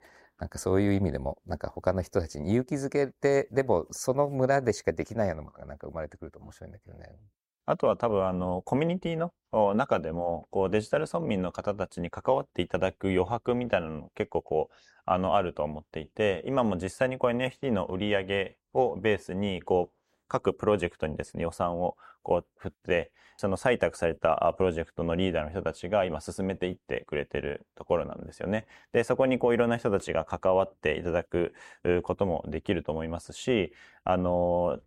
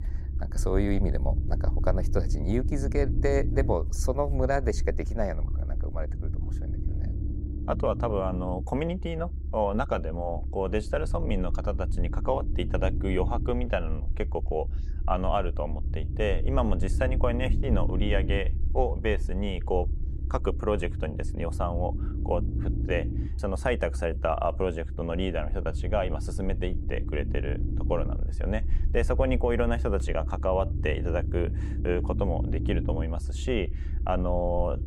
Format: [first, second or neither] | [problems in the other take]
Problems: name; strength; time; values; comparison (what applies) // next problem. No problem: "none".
first | low rumble; noticeable; throughout; 15 dB below the speech